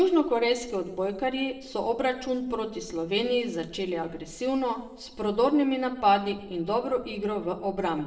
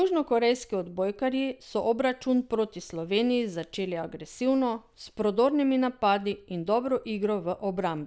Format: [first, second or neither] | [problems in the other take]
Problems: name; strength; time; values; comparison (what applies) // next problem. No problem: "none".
second | room echo; dies away in 0.7 s